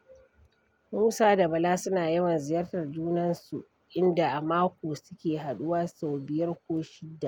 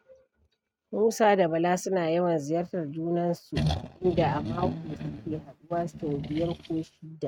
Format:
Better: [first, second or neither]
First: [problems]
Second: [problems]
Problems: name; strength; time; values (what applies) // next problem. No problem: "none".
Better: first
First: none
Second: noise reduction (neural mask model RNNoise)